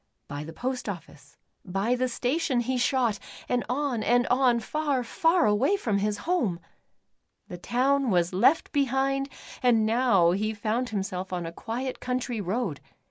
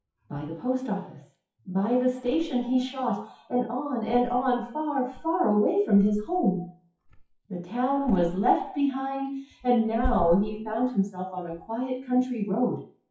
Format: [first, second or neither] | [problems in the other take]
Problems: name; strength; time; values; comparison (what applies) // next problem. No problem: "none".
first | noise reduction (classical method WPE with log-MMSE)